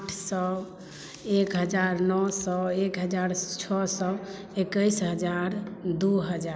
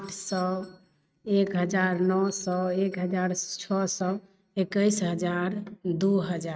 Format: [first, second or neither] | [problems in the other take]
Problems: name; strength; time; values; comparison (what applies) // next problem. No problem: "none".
first | noise reduction (neural mask model RNNoise)